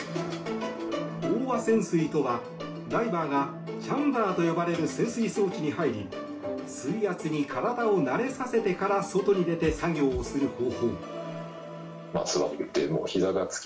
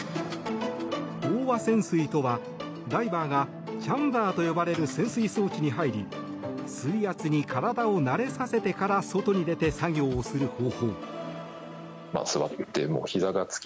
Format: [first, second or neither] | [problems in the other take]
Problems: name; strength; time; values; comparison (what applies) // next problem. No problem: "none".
second | room echo; dies away in 0.3 s